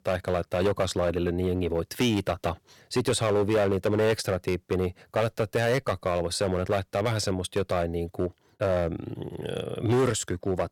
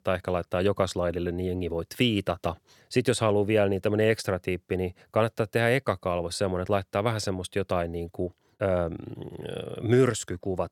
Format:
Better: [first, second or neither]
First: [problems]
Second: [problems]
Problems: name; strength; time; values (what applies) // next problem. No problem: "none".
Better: second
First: distortion; heavy; 8% of the sound clipped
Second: none